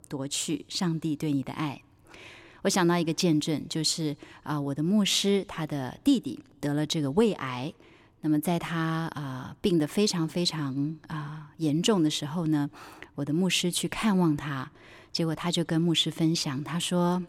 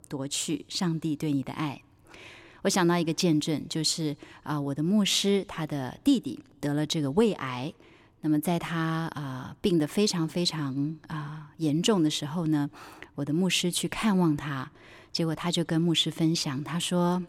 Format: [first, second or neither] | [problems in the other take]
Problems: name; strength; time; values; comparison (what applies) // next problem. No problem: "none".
neither | none